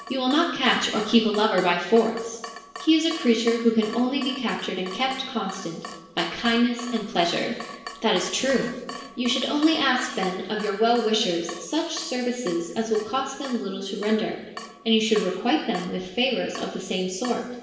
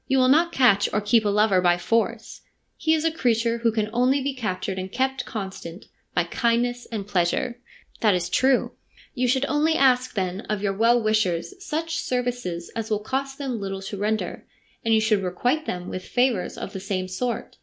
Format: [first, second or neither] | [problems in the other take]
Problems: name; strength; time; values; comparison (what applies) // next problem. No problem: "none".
second | background sound (Drip / Water tap, faucet); 16 dB below the speech // room echo; dies away in 1 s